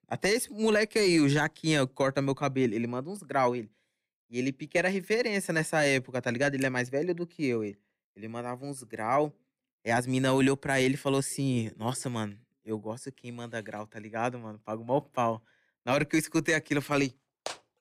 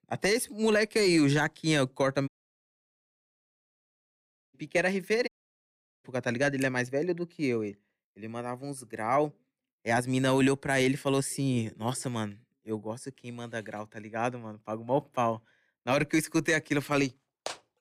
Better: first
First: none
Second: audio cutting out; at 2.5 s for 2.5 s and at 5.5 s for 1 s

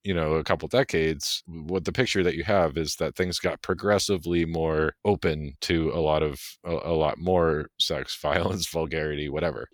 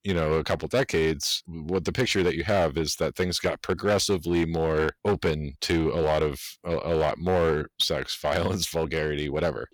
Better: first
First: none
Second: distortion; slight; 6% of the sound clipped

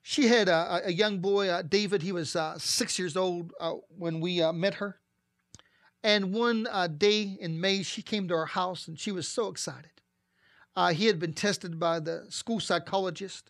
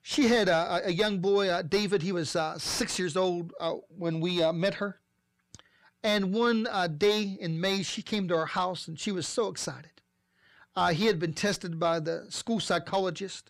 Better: first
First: none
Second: distortion; slight; 10 dB below the speech

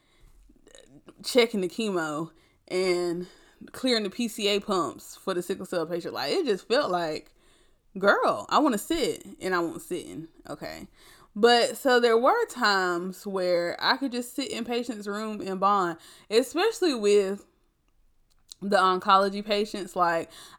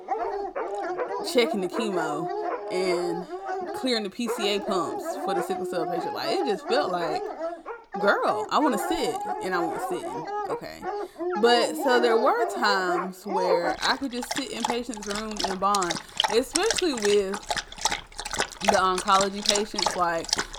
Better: first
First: none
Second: animal sounds; loud; throughout; 3 dB below the speech

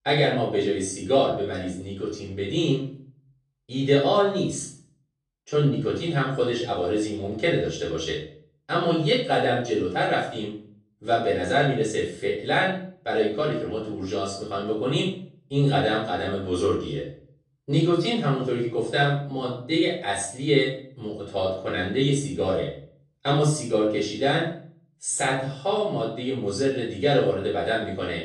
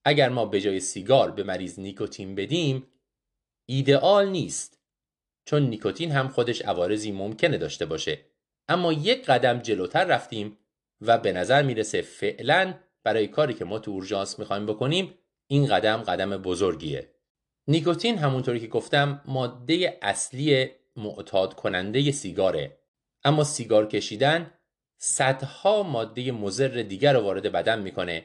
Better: second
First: off-mic speech; far // room echo; noticeable; dies away in 0.4 s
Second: none

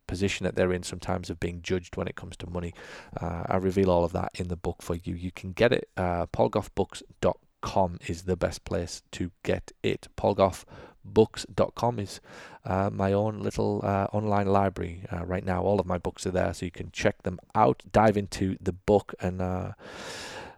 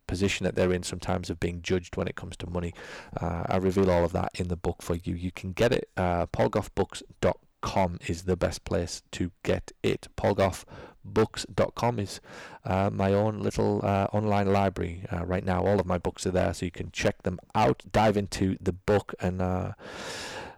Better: first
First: none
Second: distortion; slight; 5% of the sound clipped

